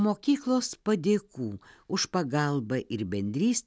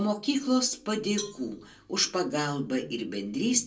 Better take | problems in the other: first | background sound (Cowbell); 16 dB below the speech // room echo; dies away in 0.2 s

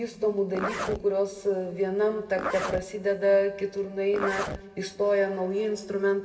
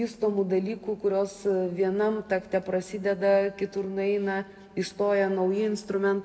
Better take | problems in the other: second | background sound (Zipper (clothing)); 9 dB below the speech // room echo; dies away in 1.4 s

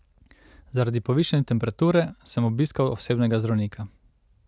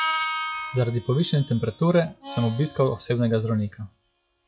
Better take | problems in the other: first | noise reduction (classical method WPE with log-MMSE)

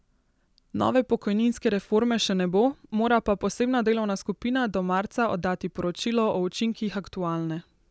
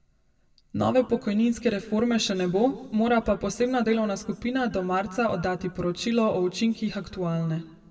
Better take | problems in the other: first | room echo; dies away in 1 s

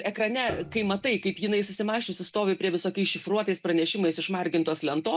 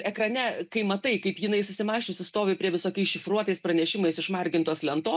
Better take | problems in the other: second | background sound (Piano); 17 dB below the speech

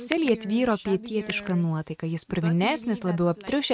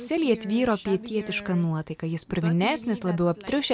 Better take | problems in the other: second | noise reduction (neural mask model RNNoise)

